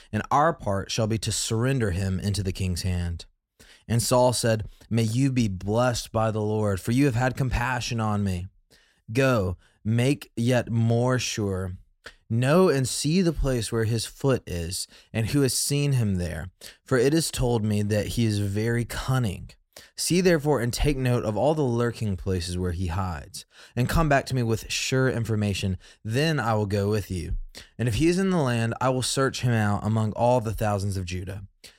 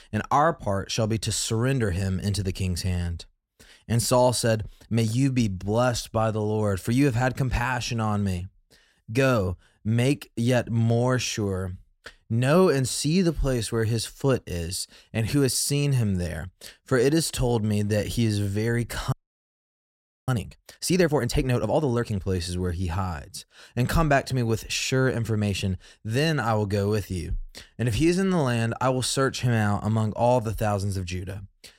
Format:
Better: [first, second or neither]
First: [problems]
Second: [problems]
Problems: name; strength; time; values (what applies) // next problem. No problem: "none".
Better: first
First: none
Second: audio freezing; at 19 s for 1 s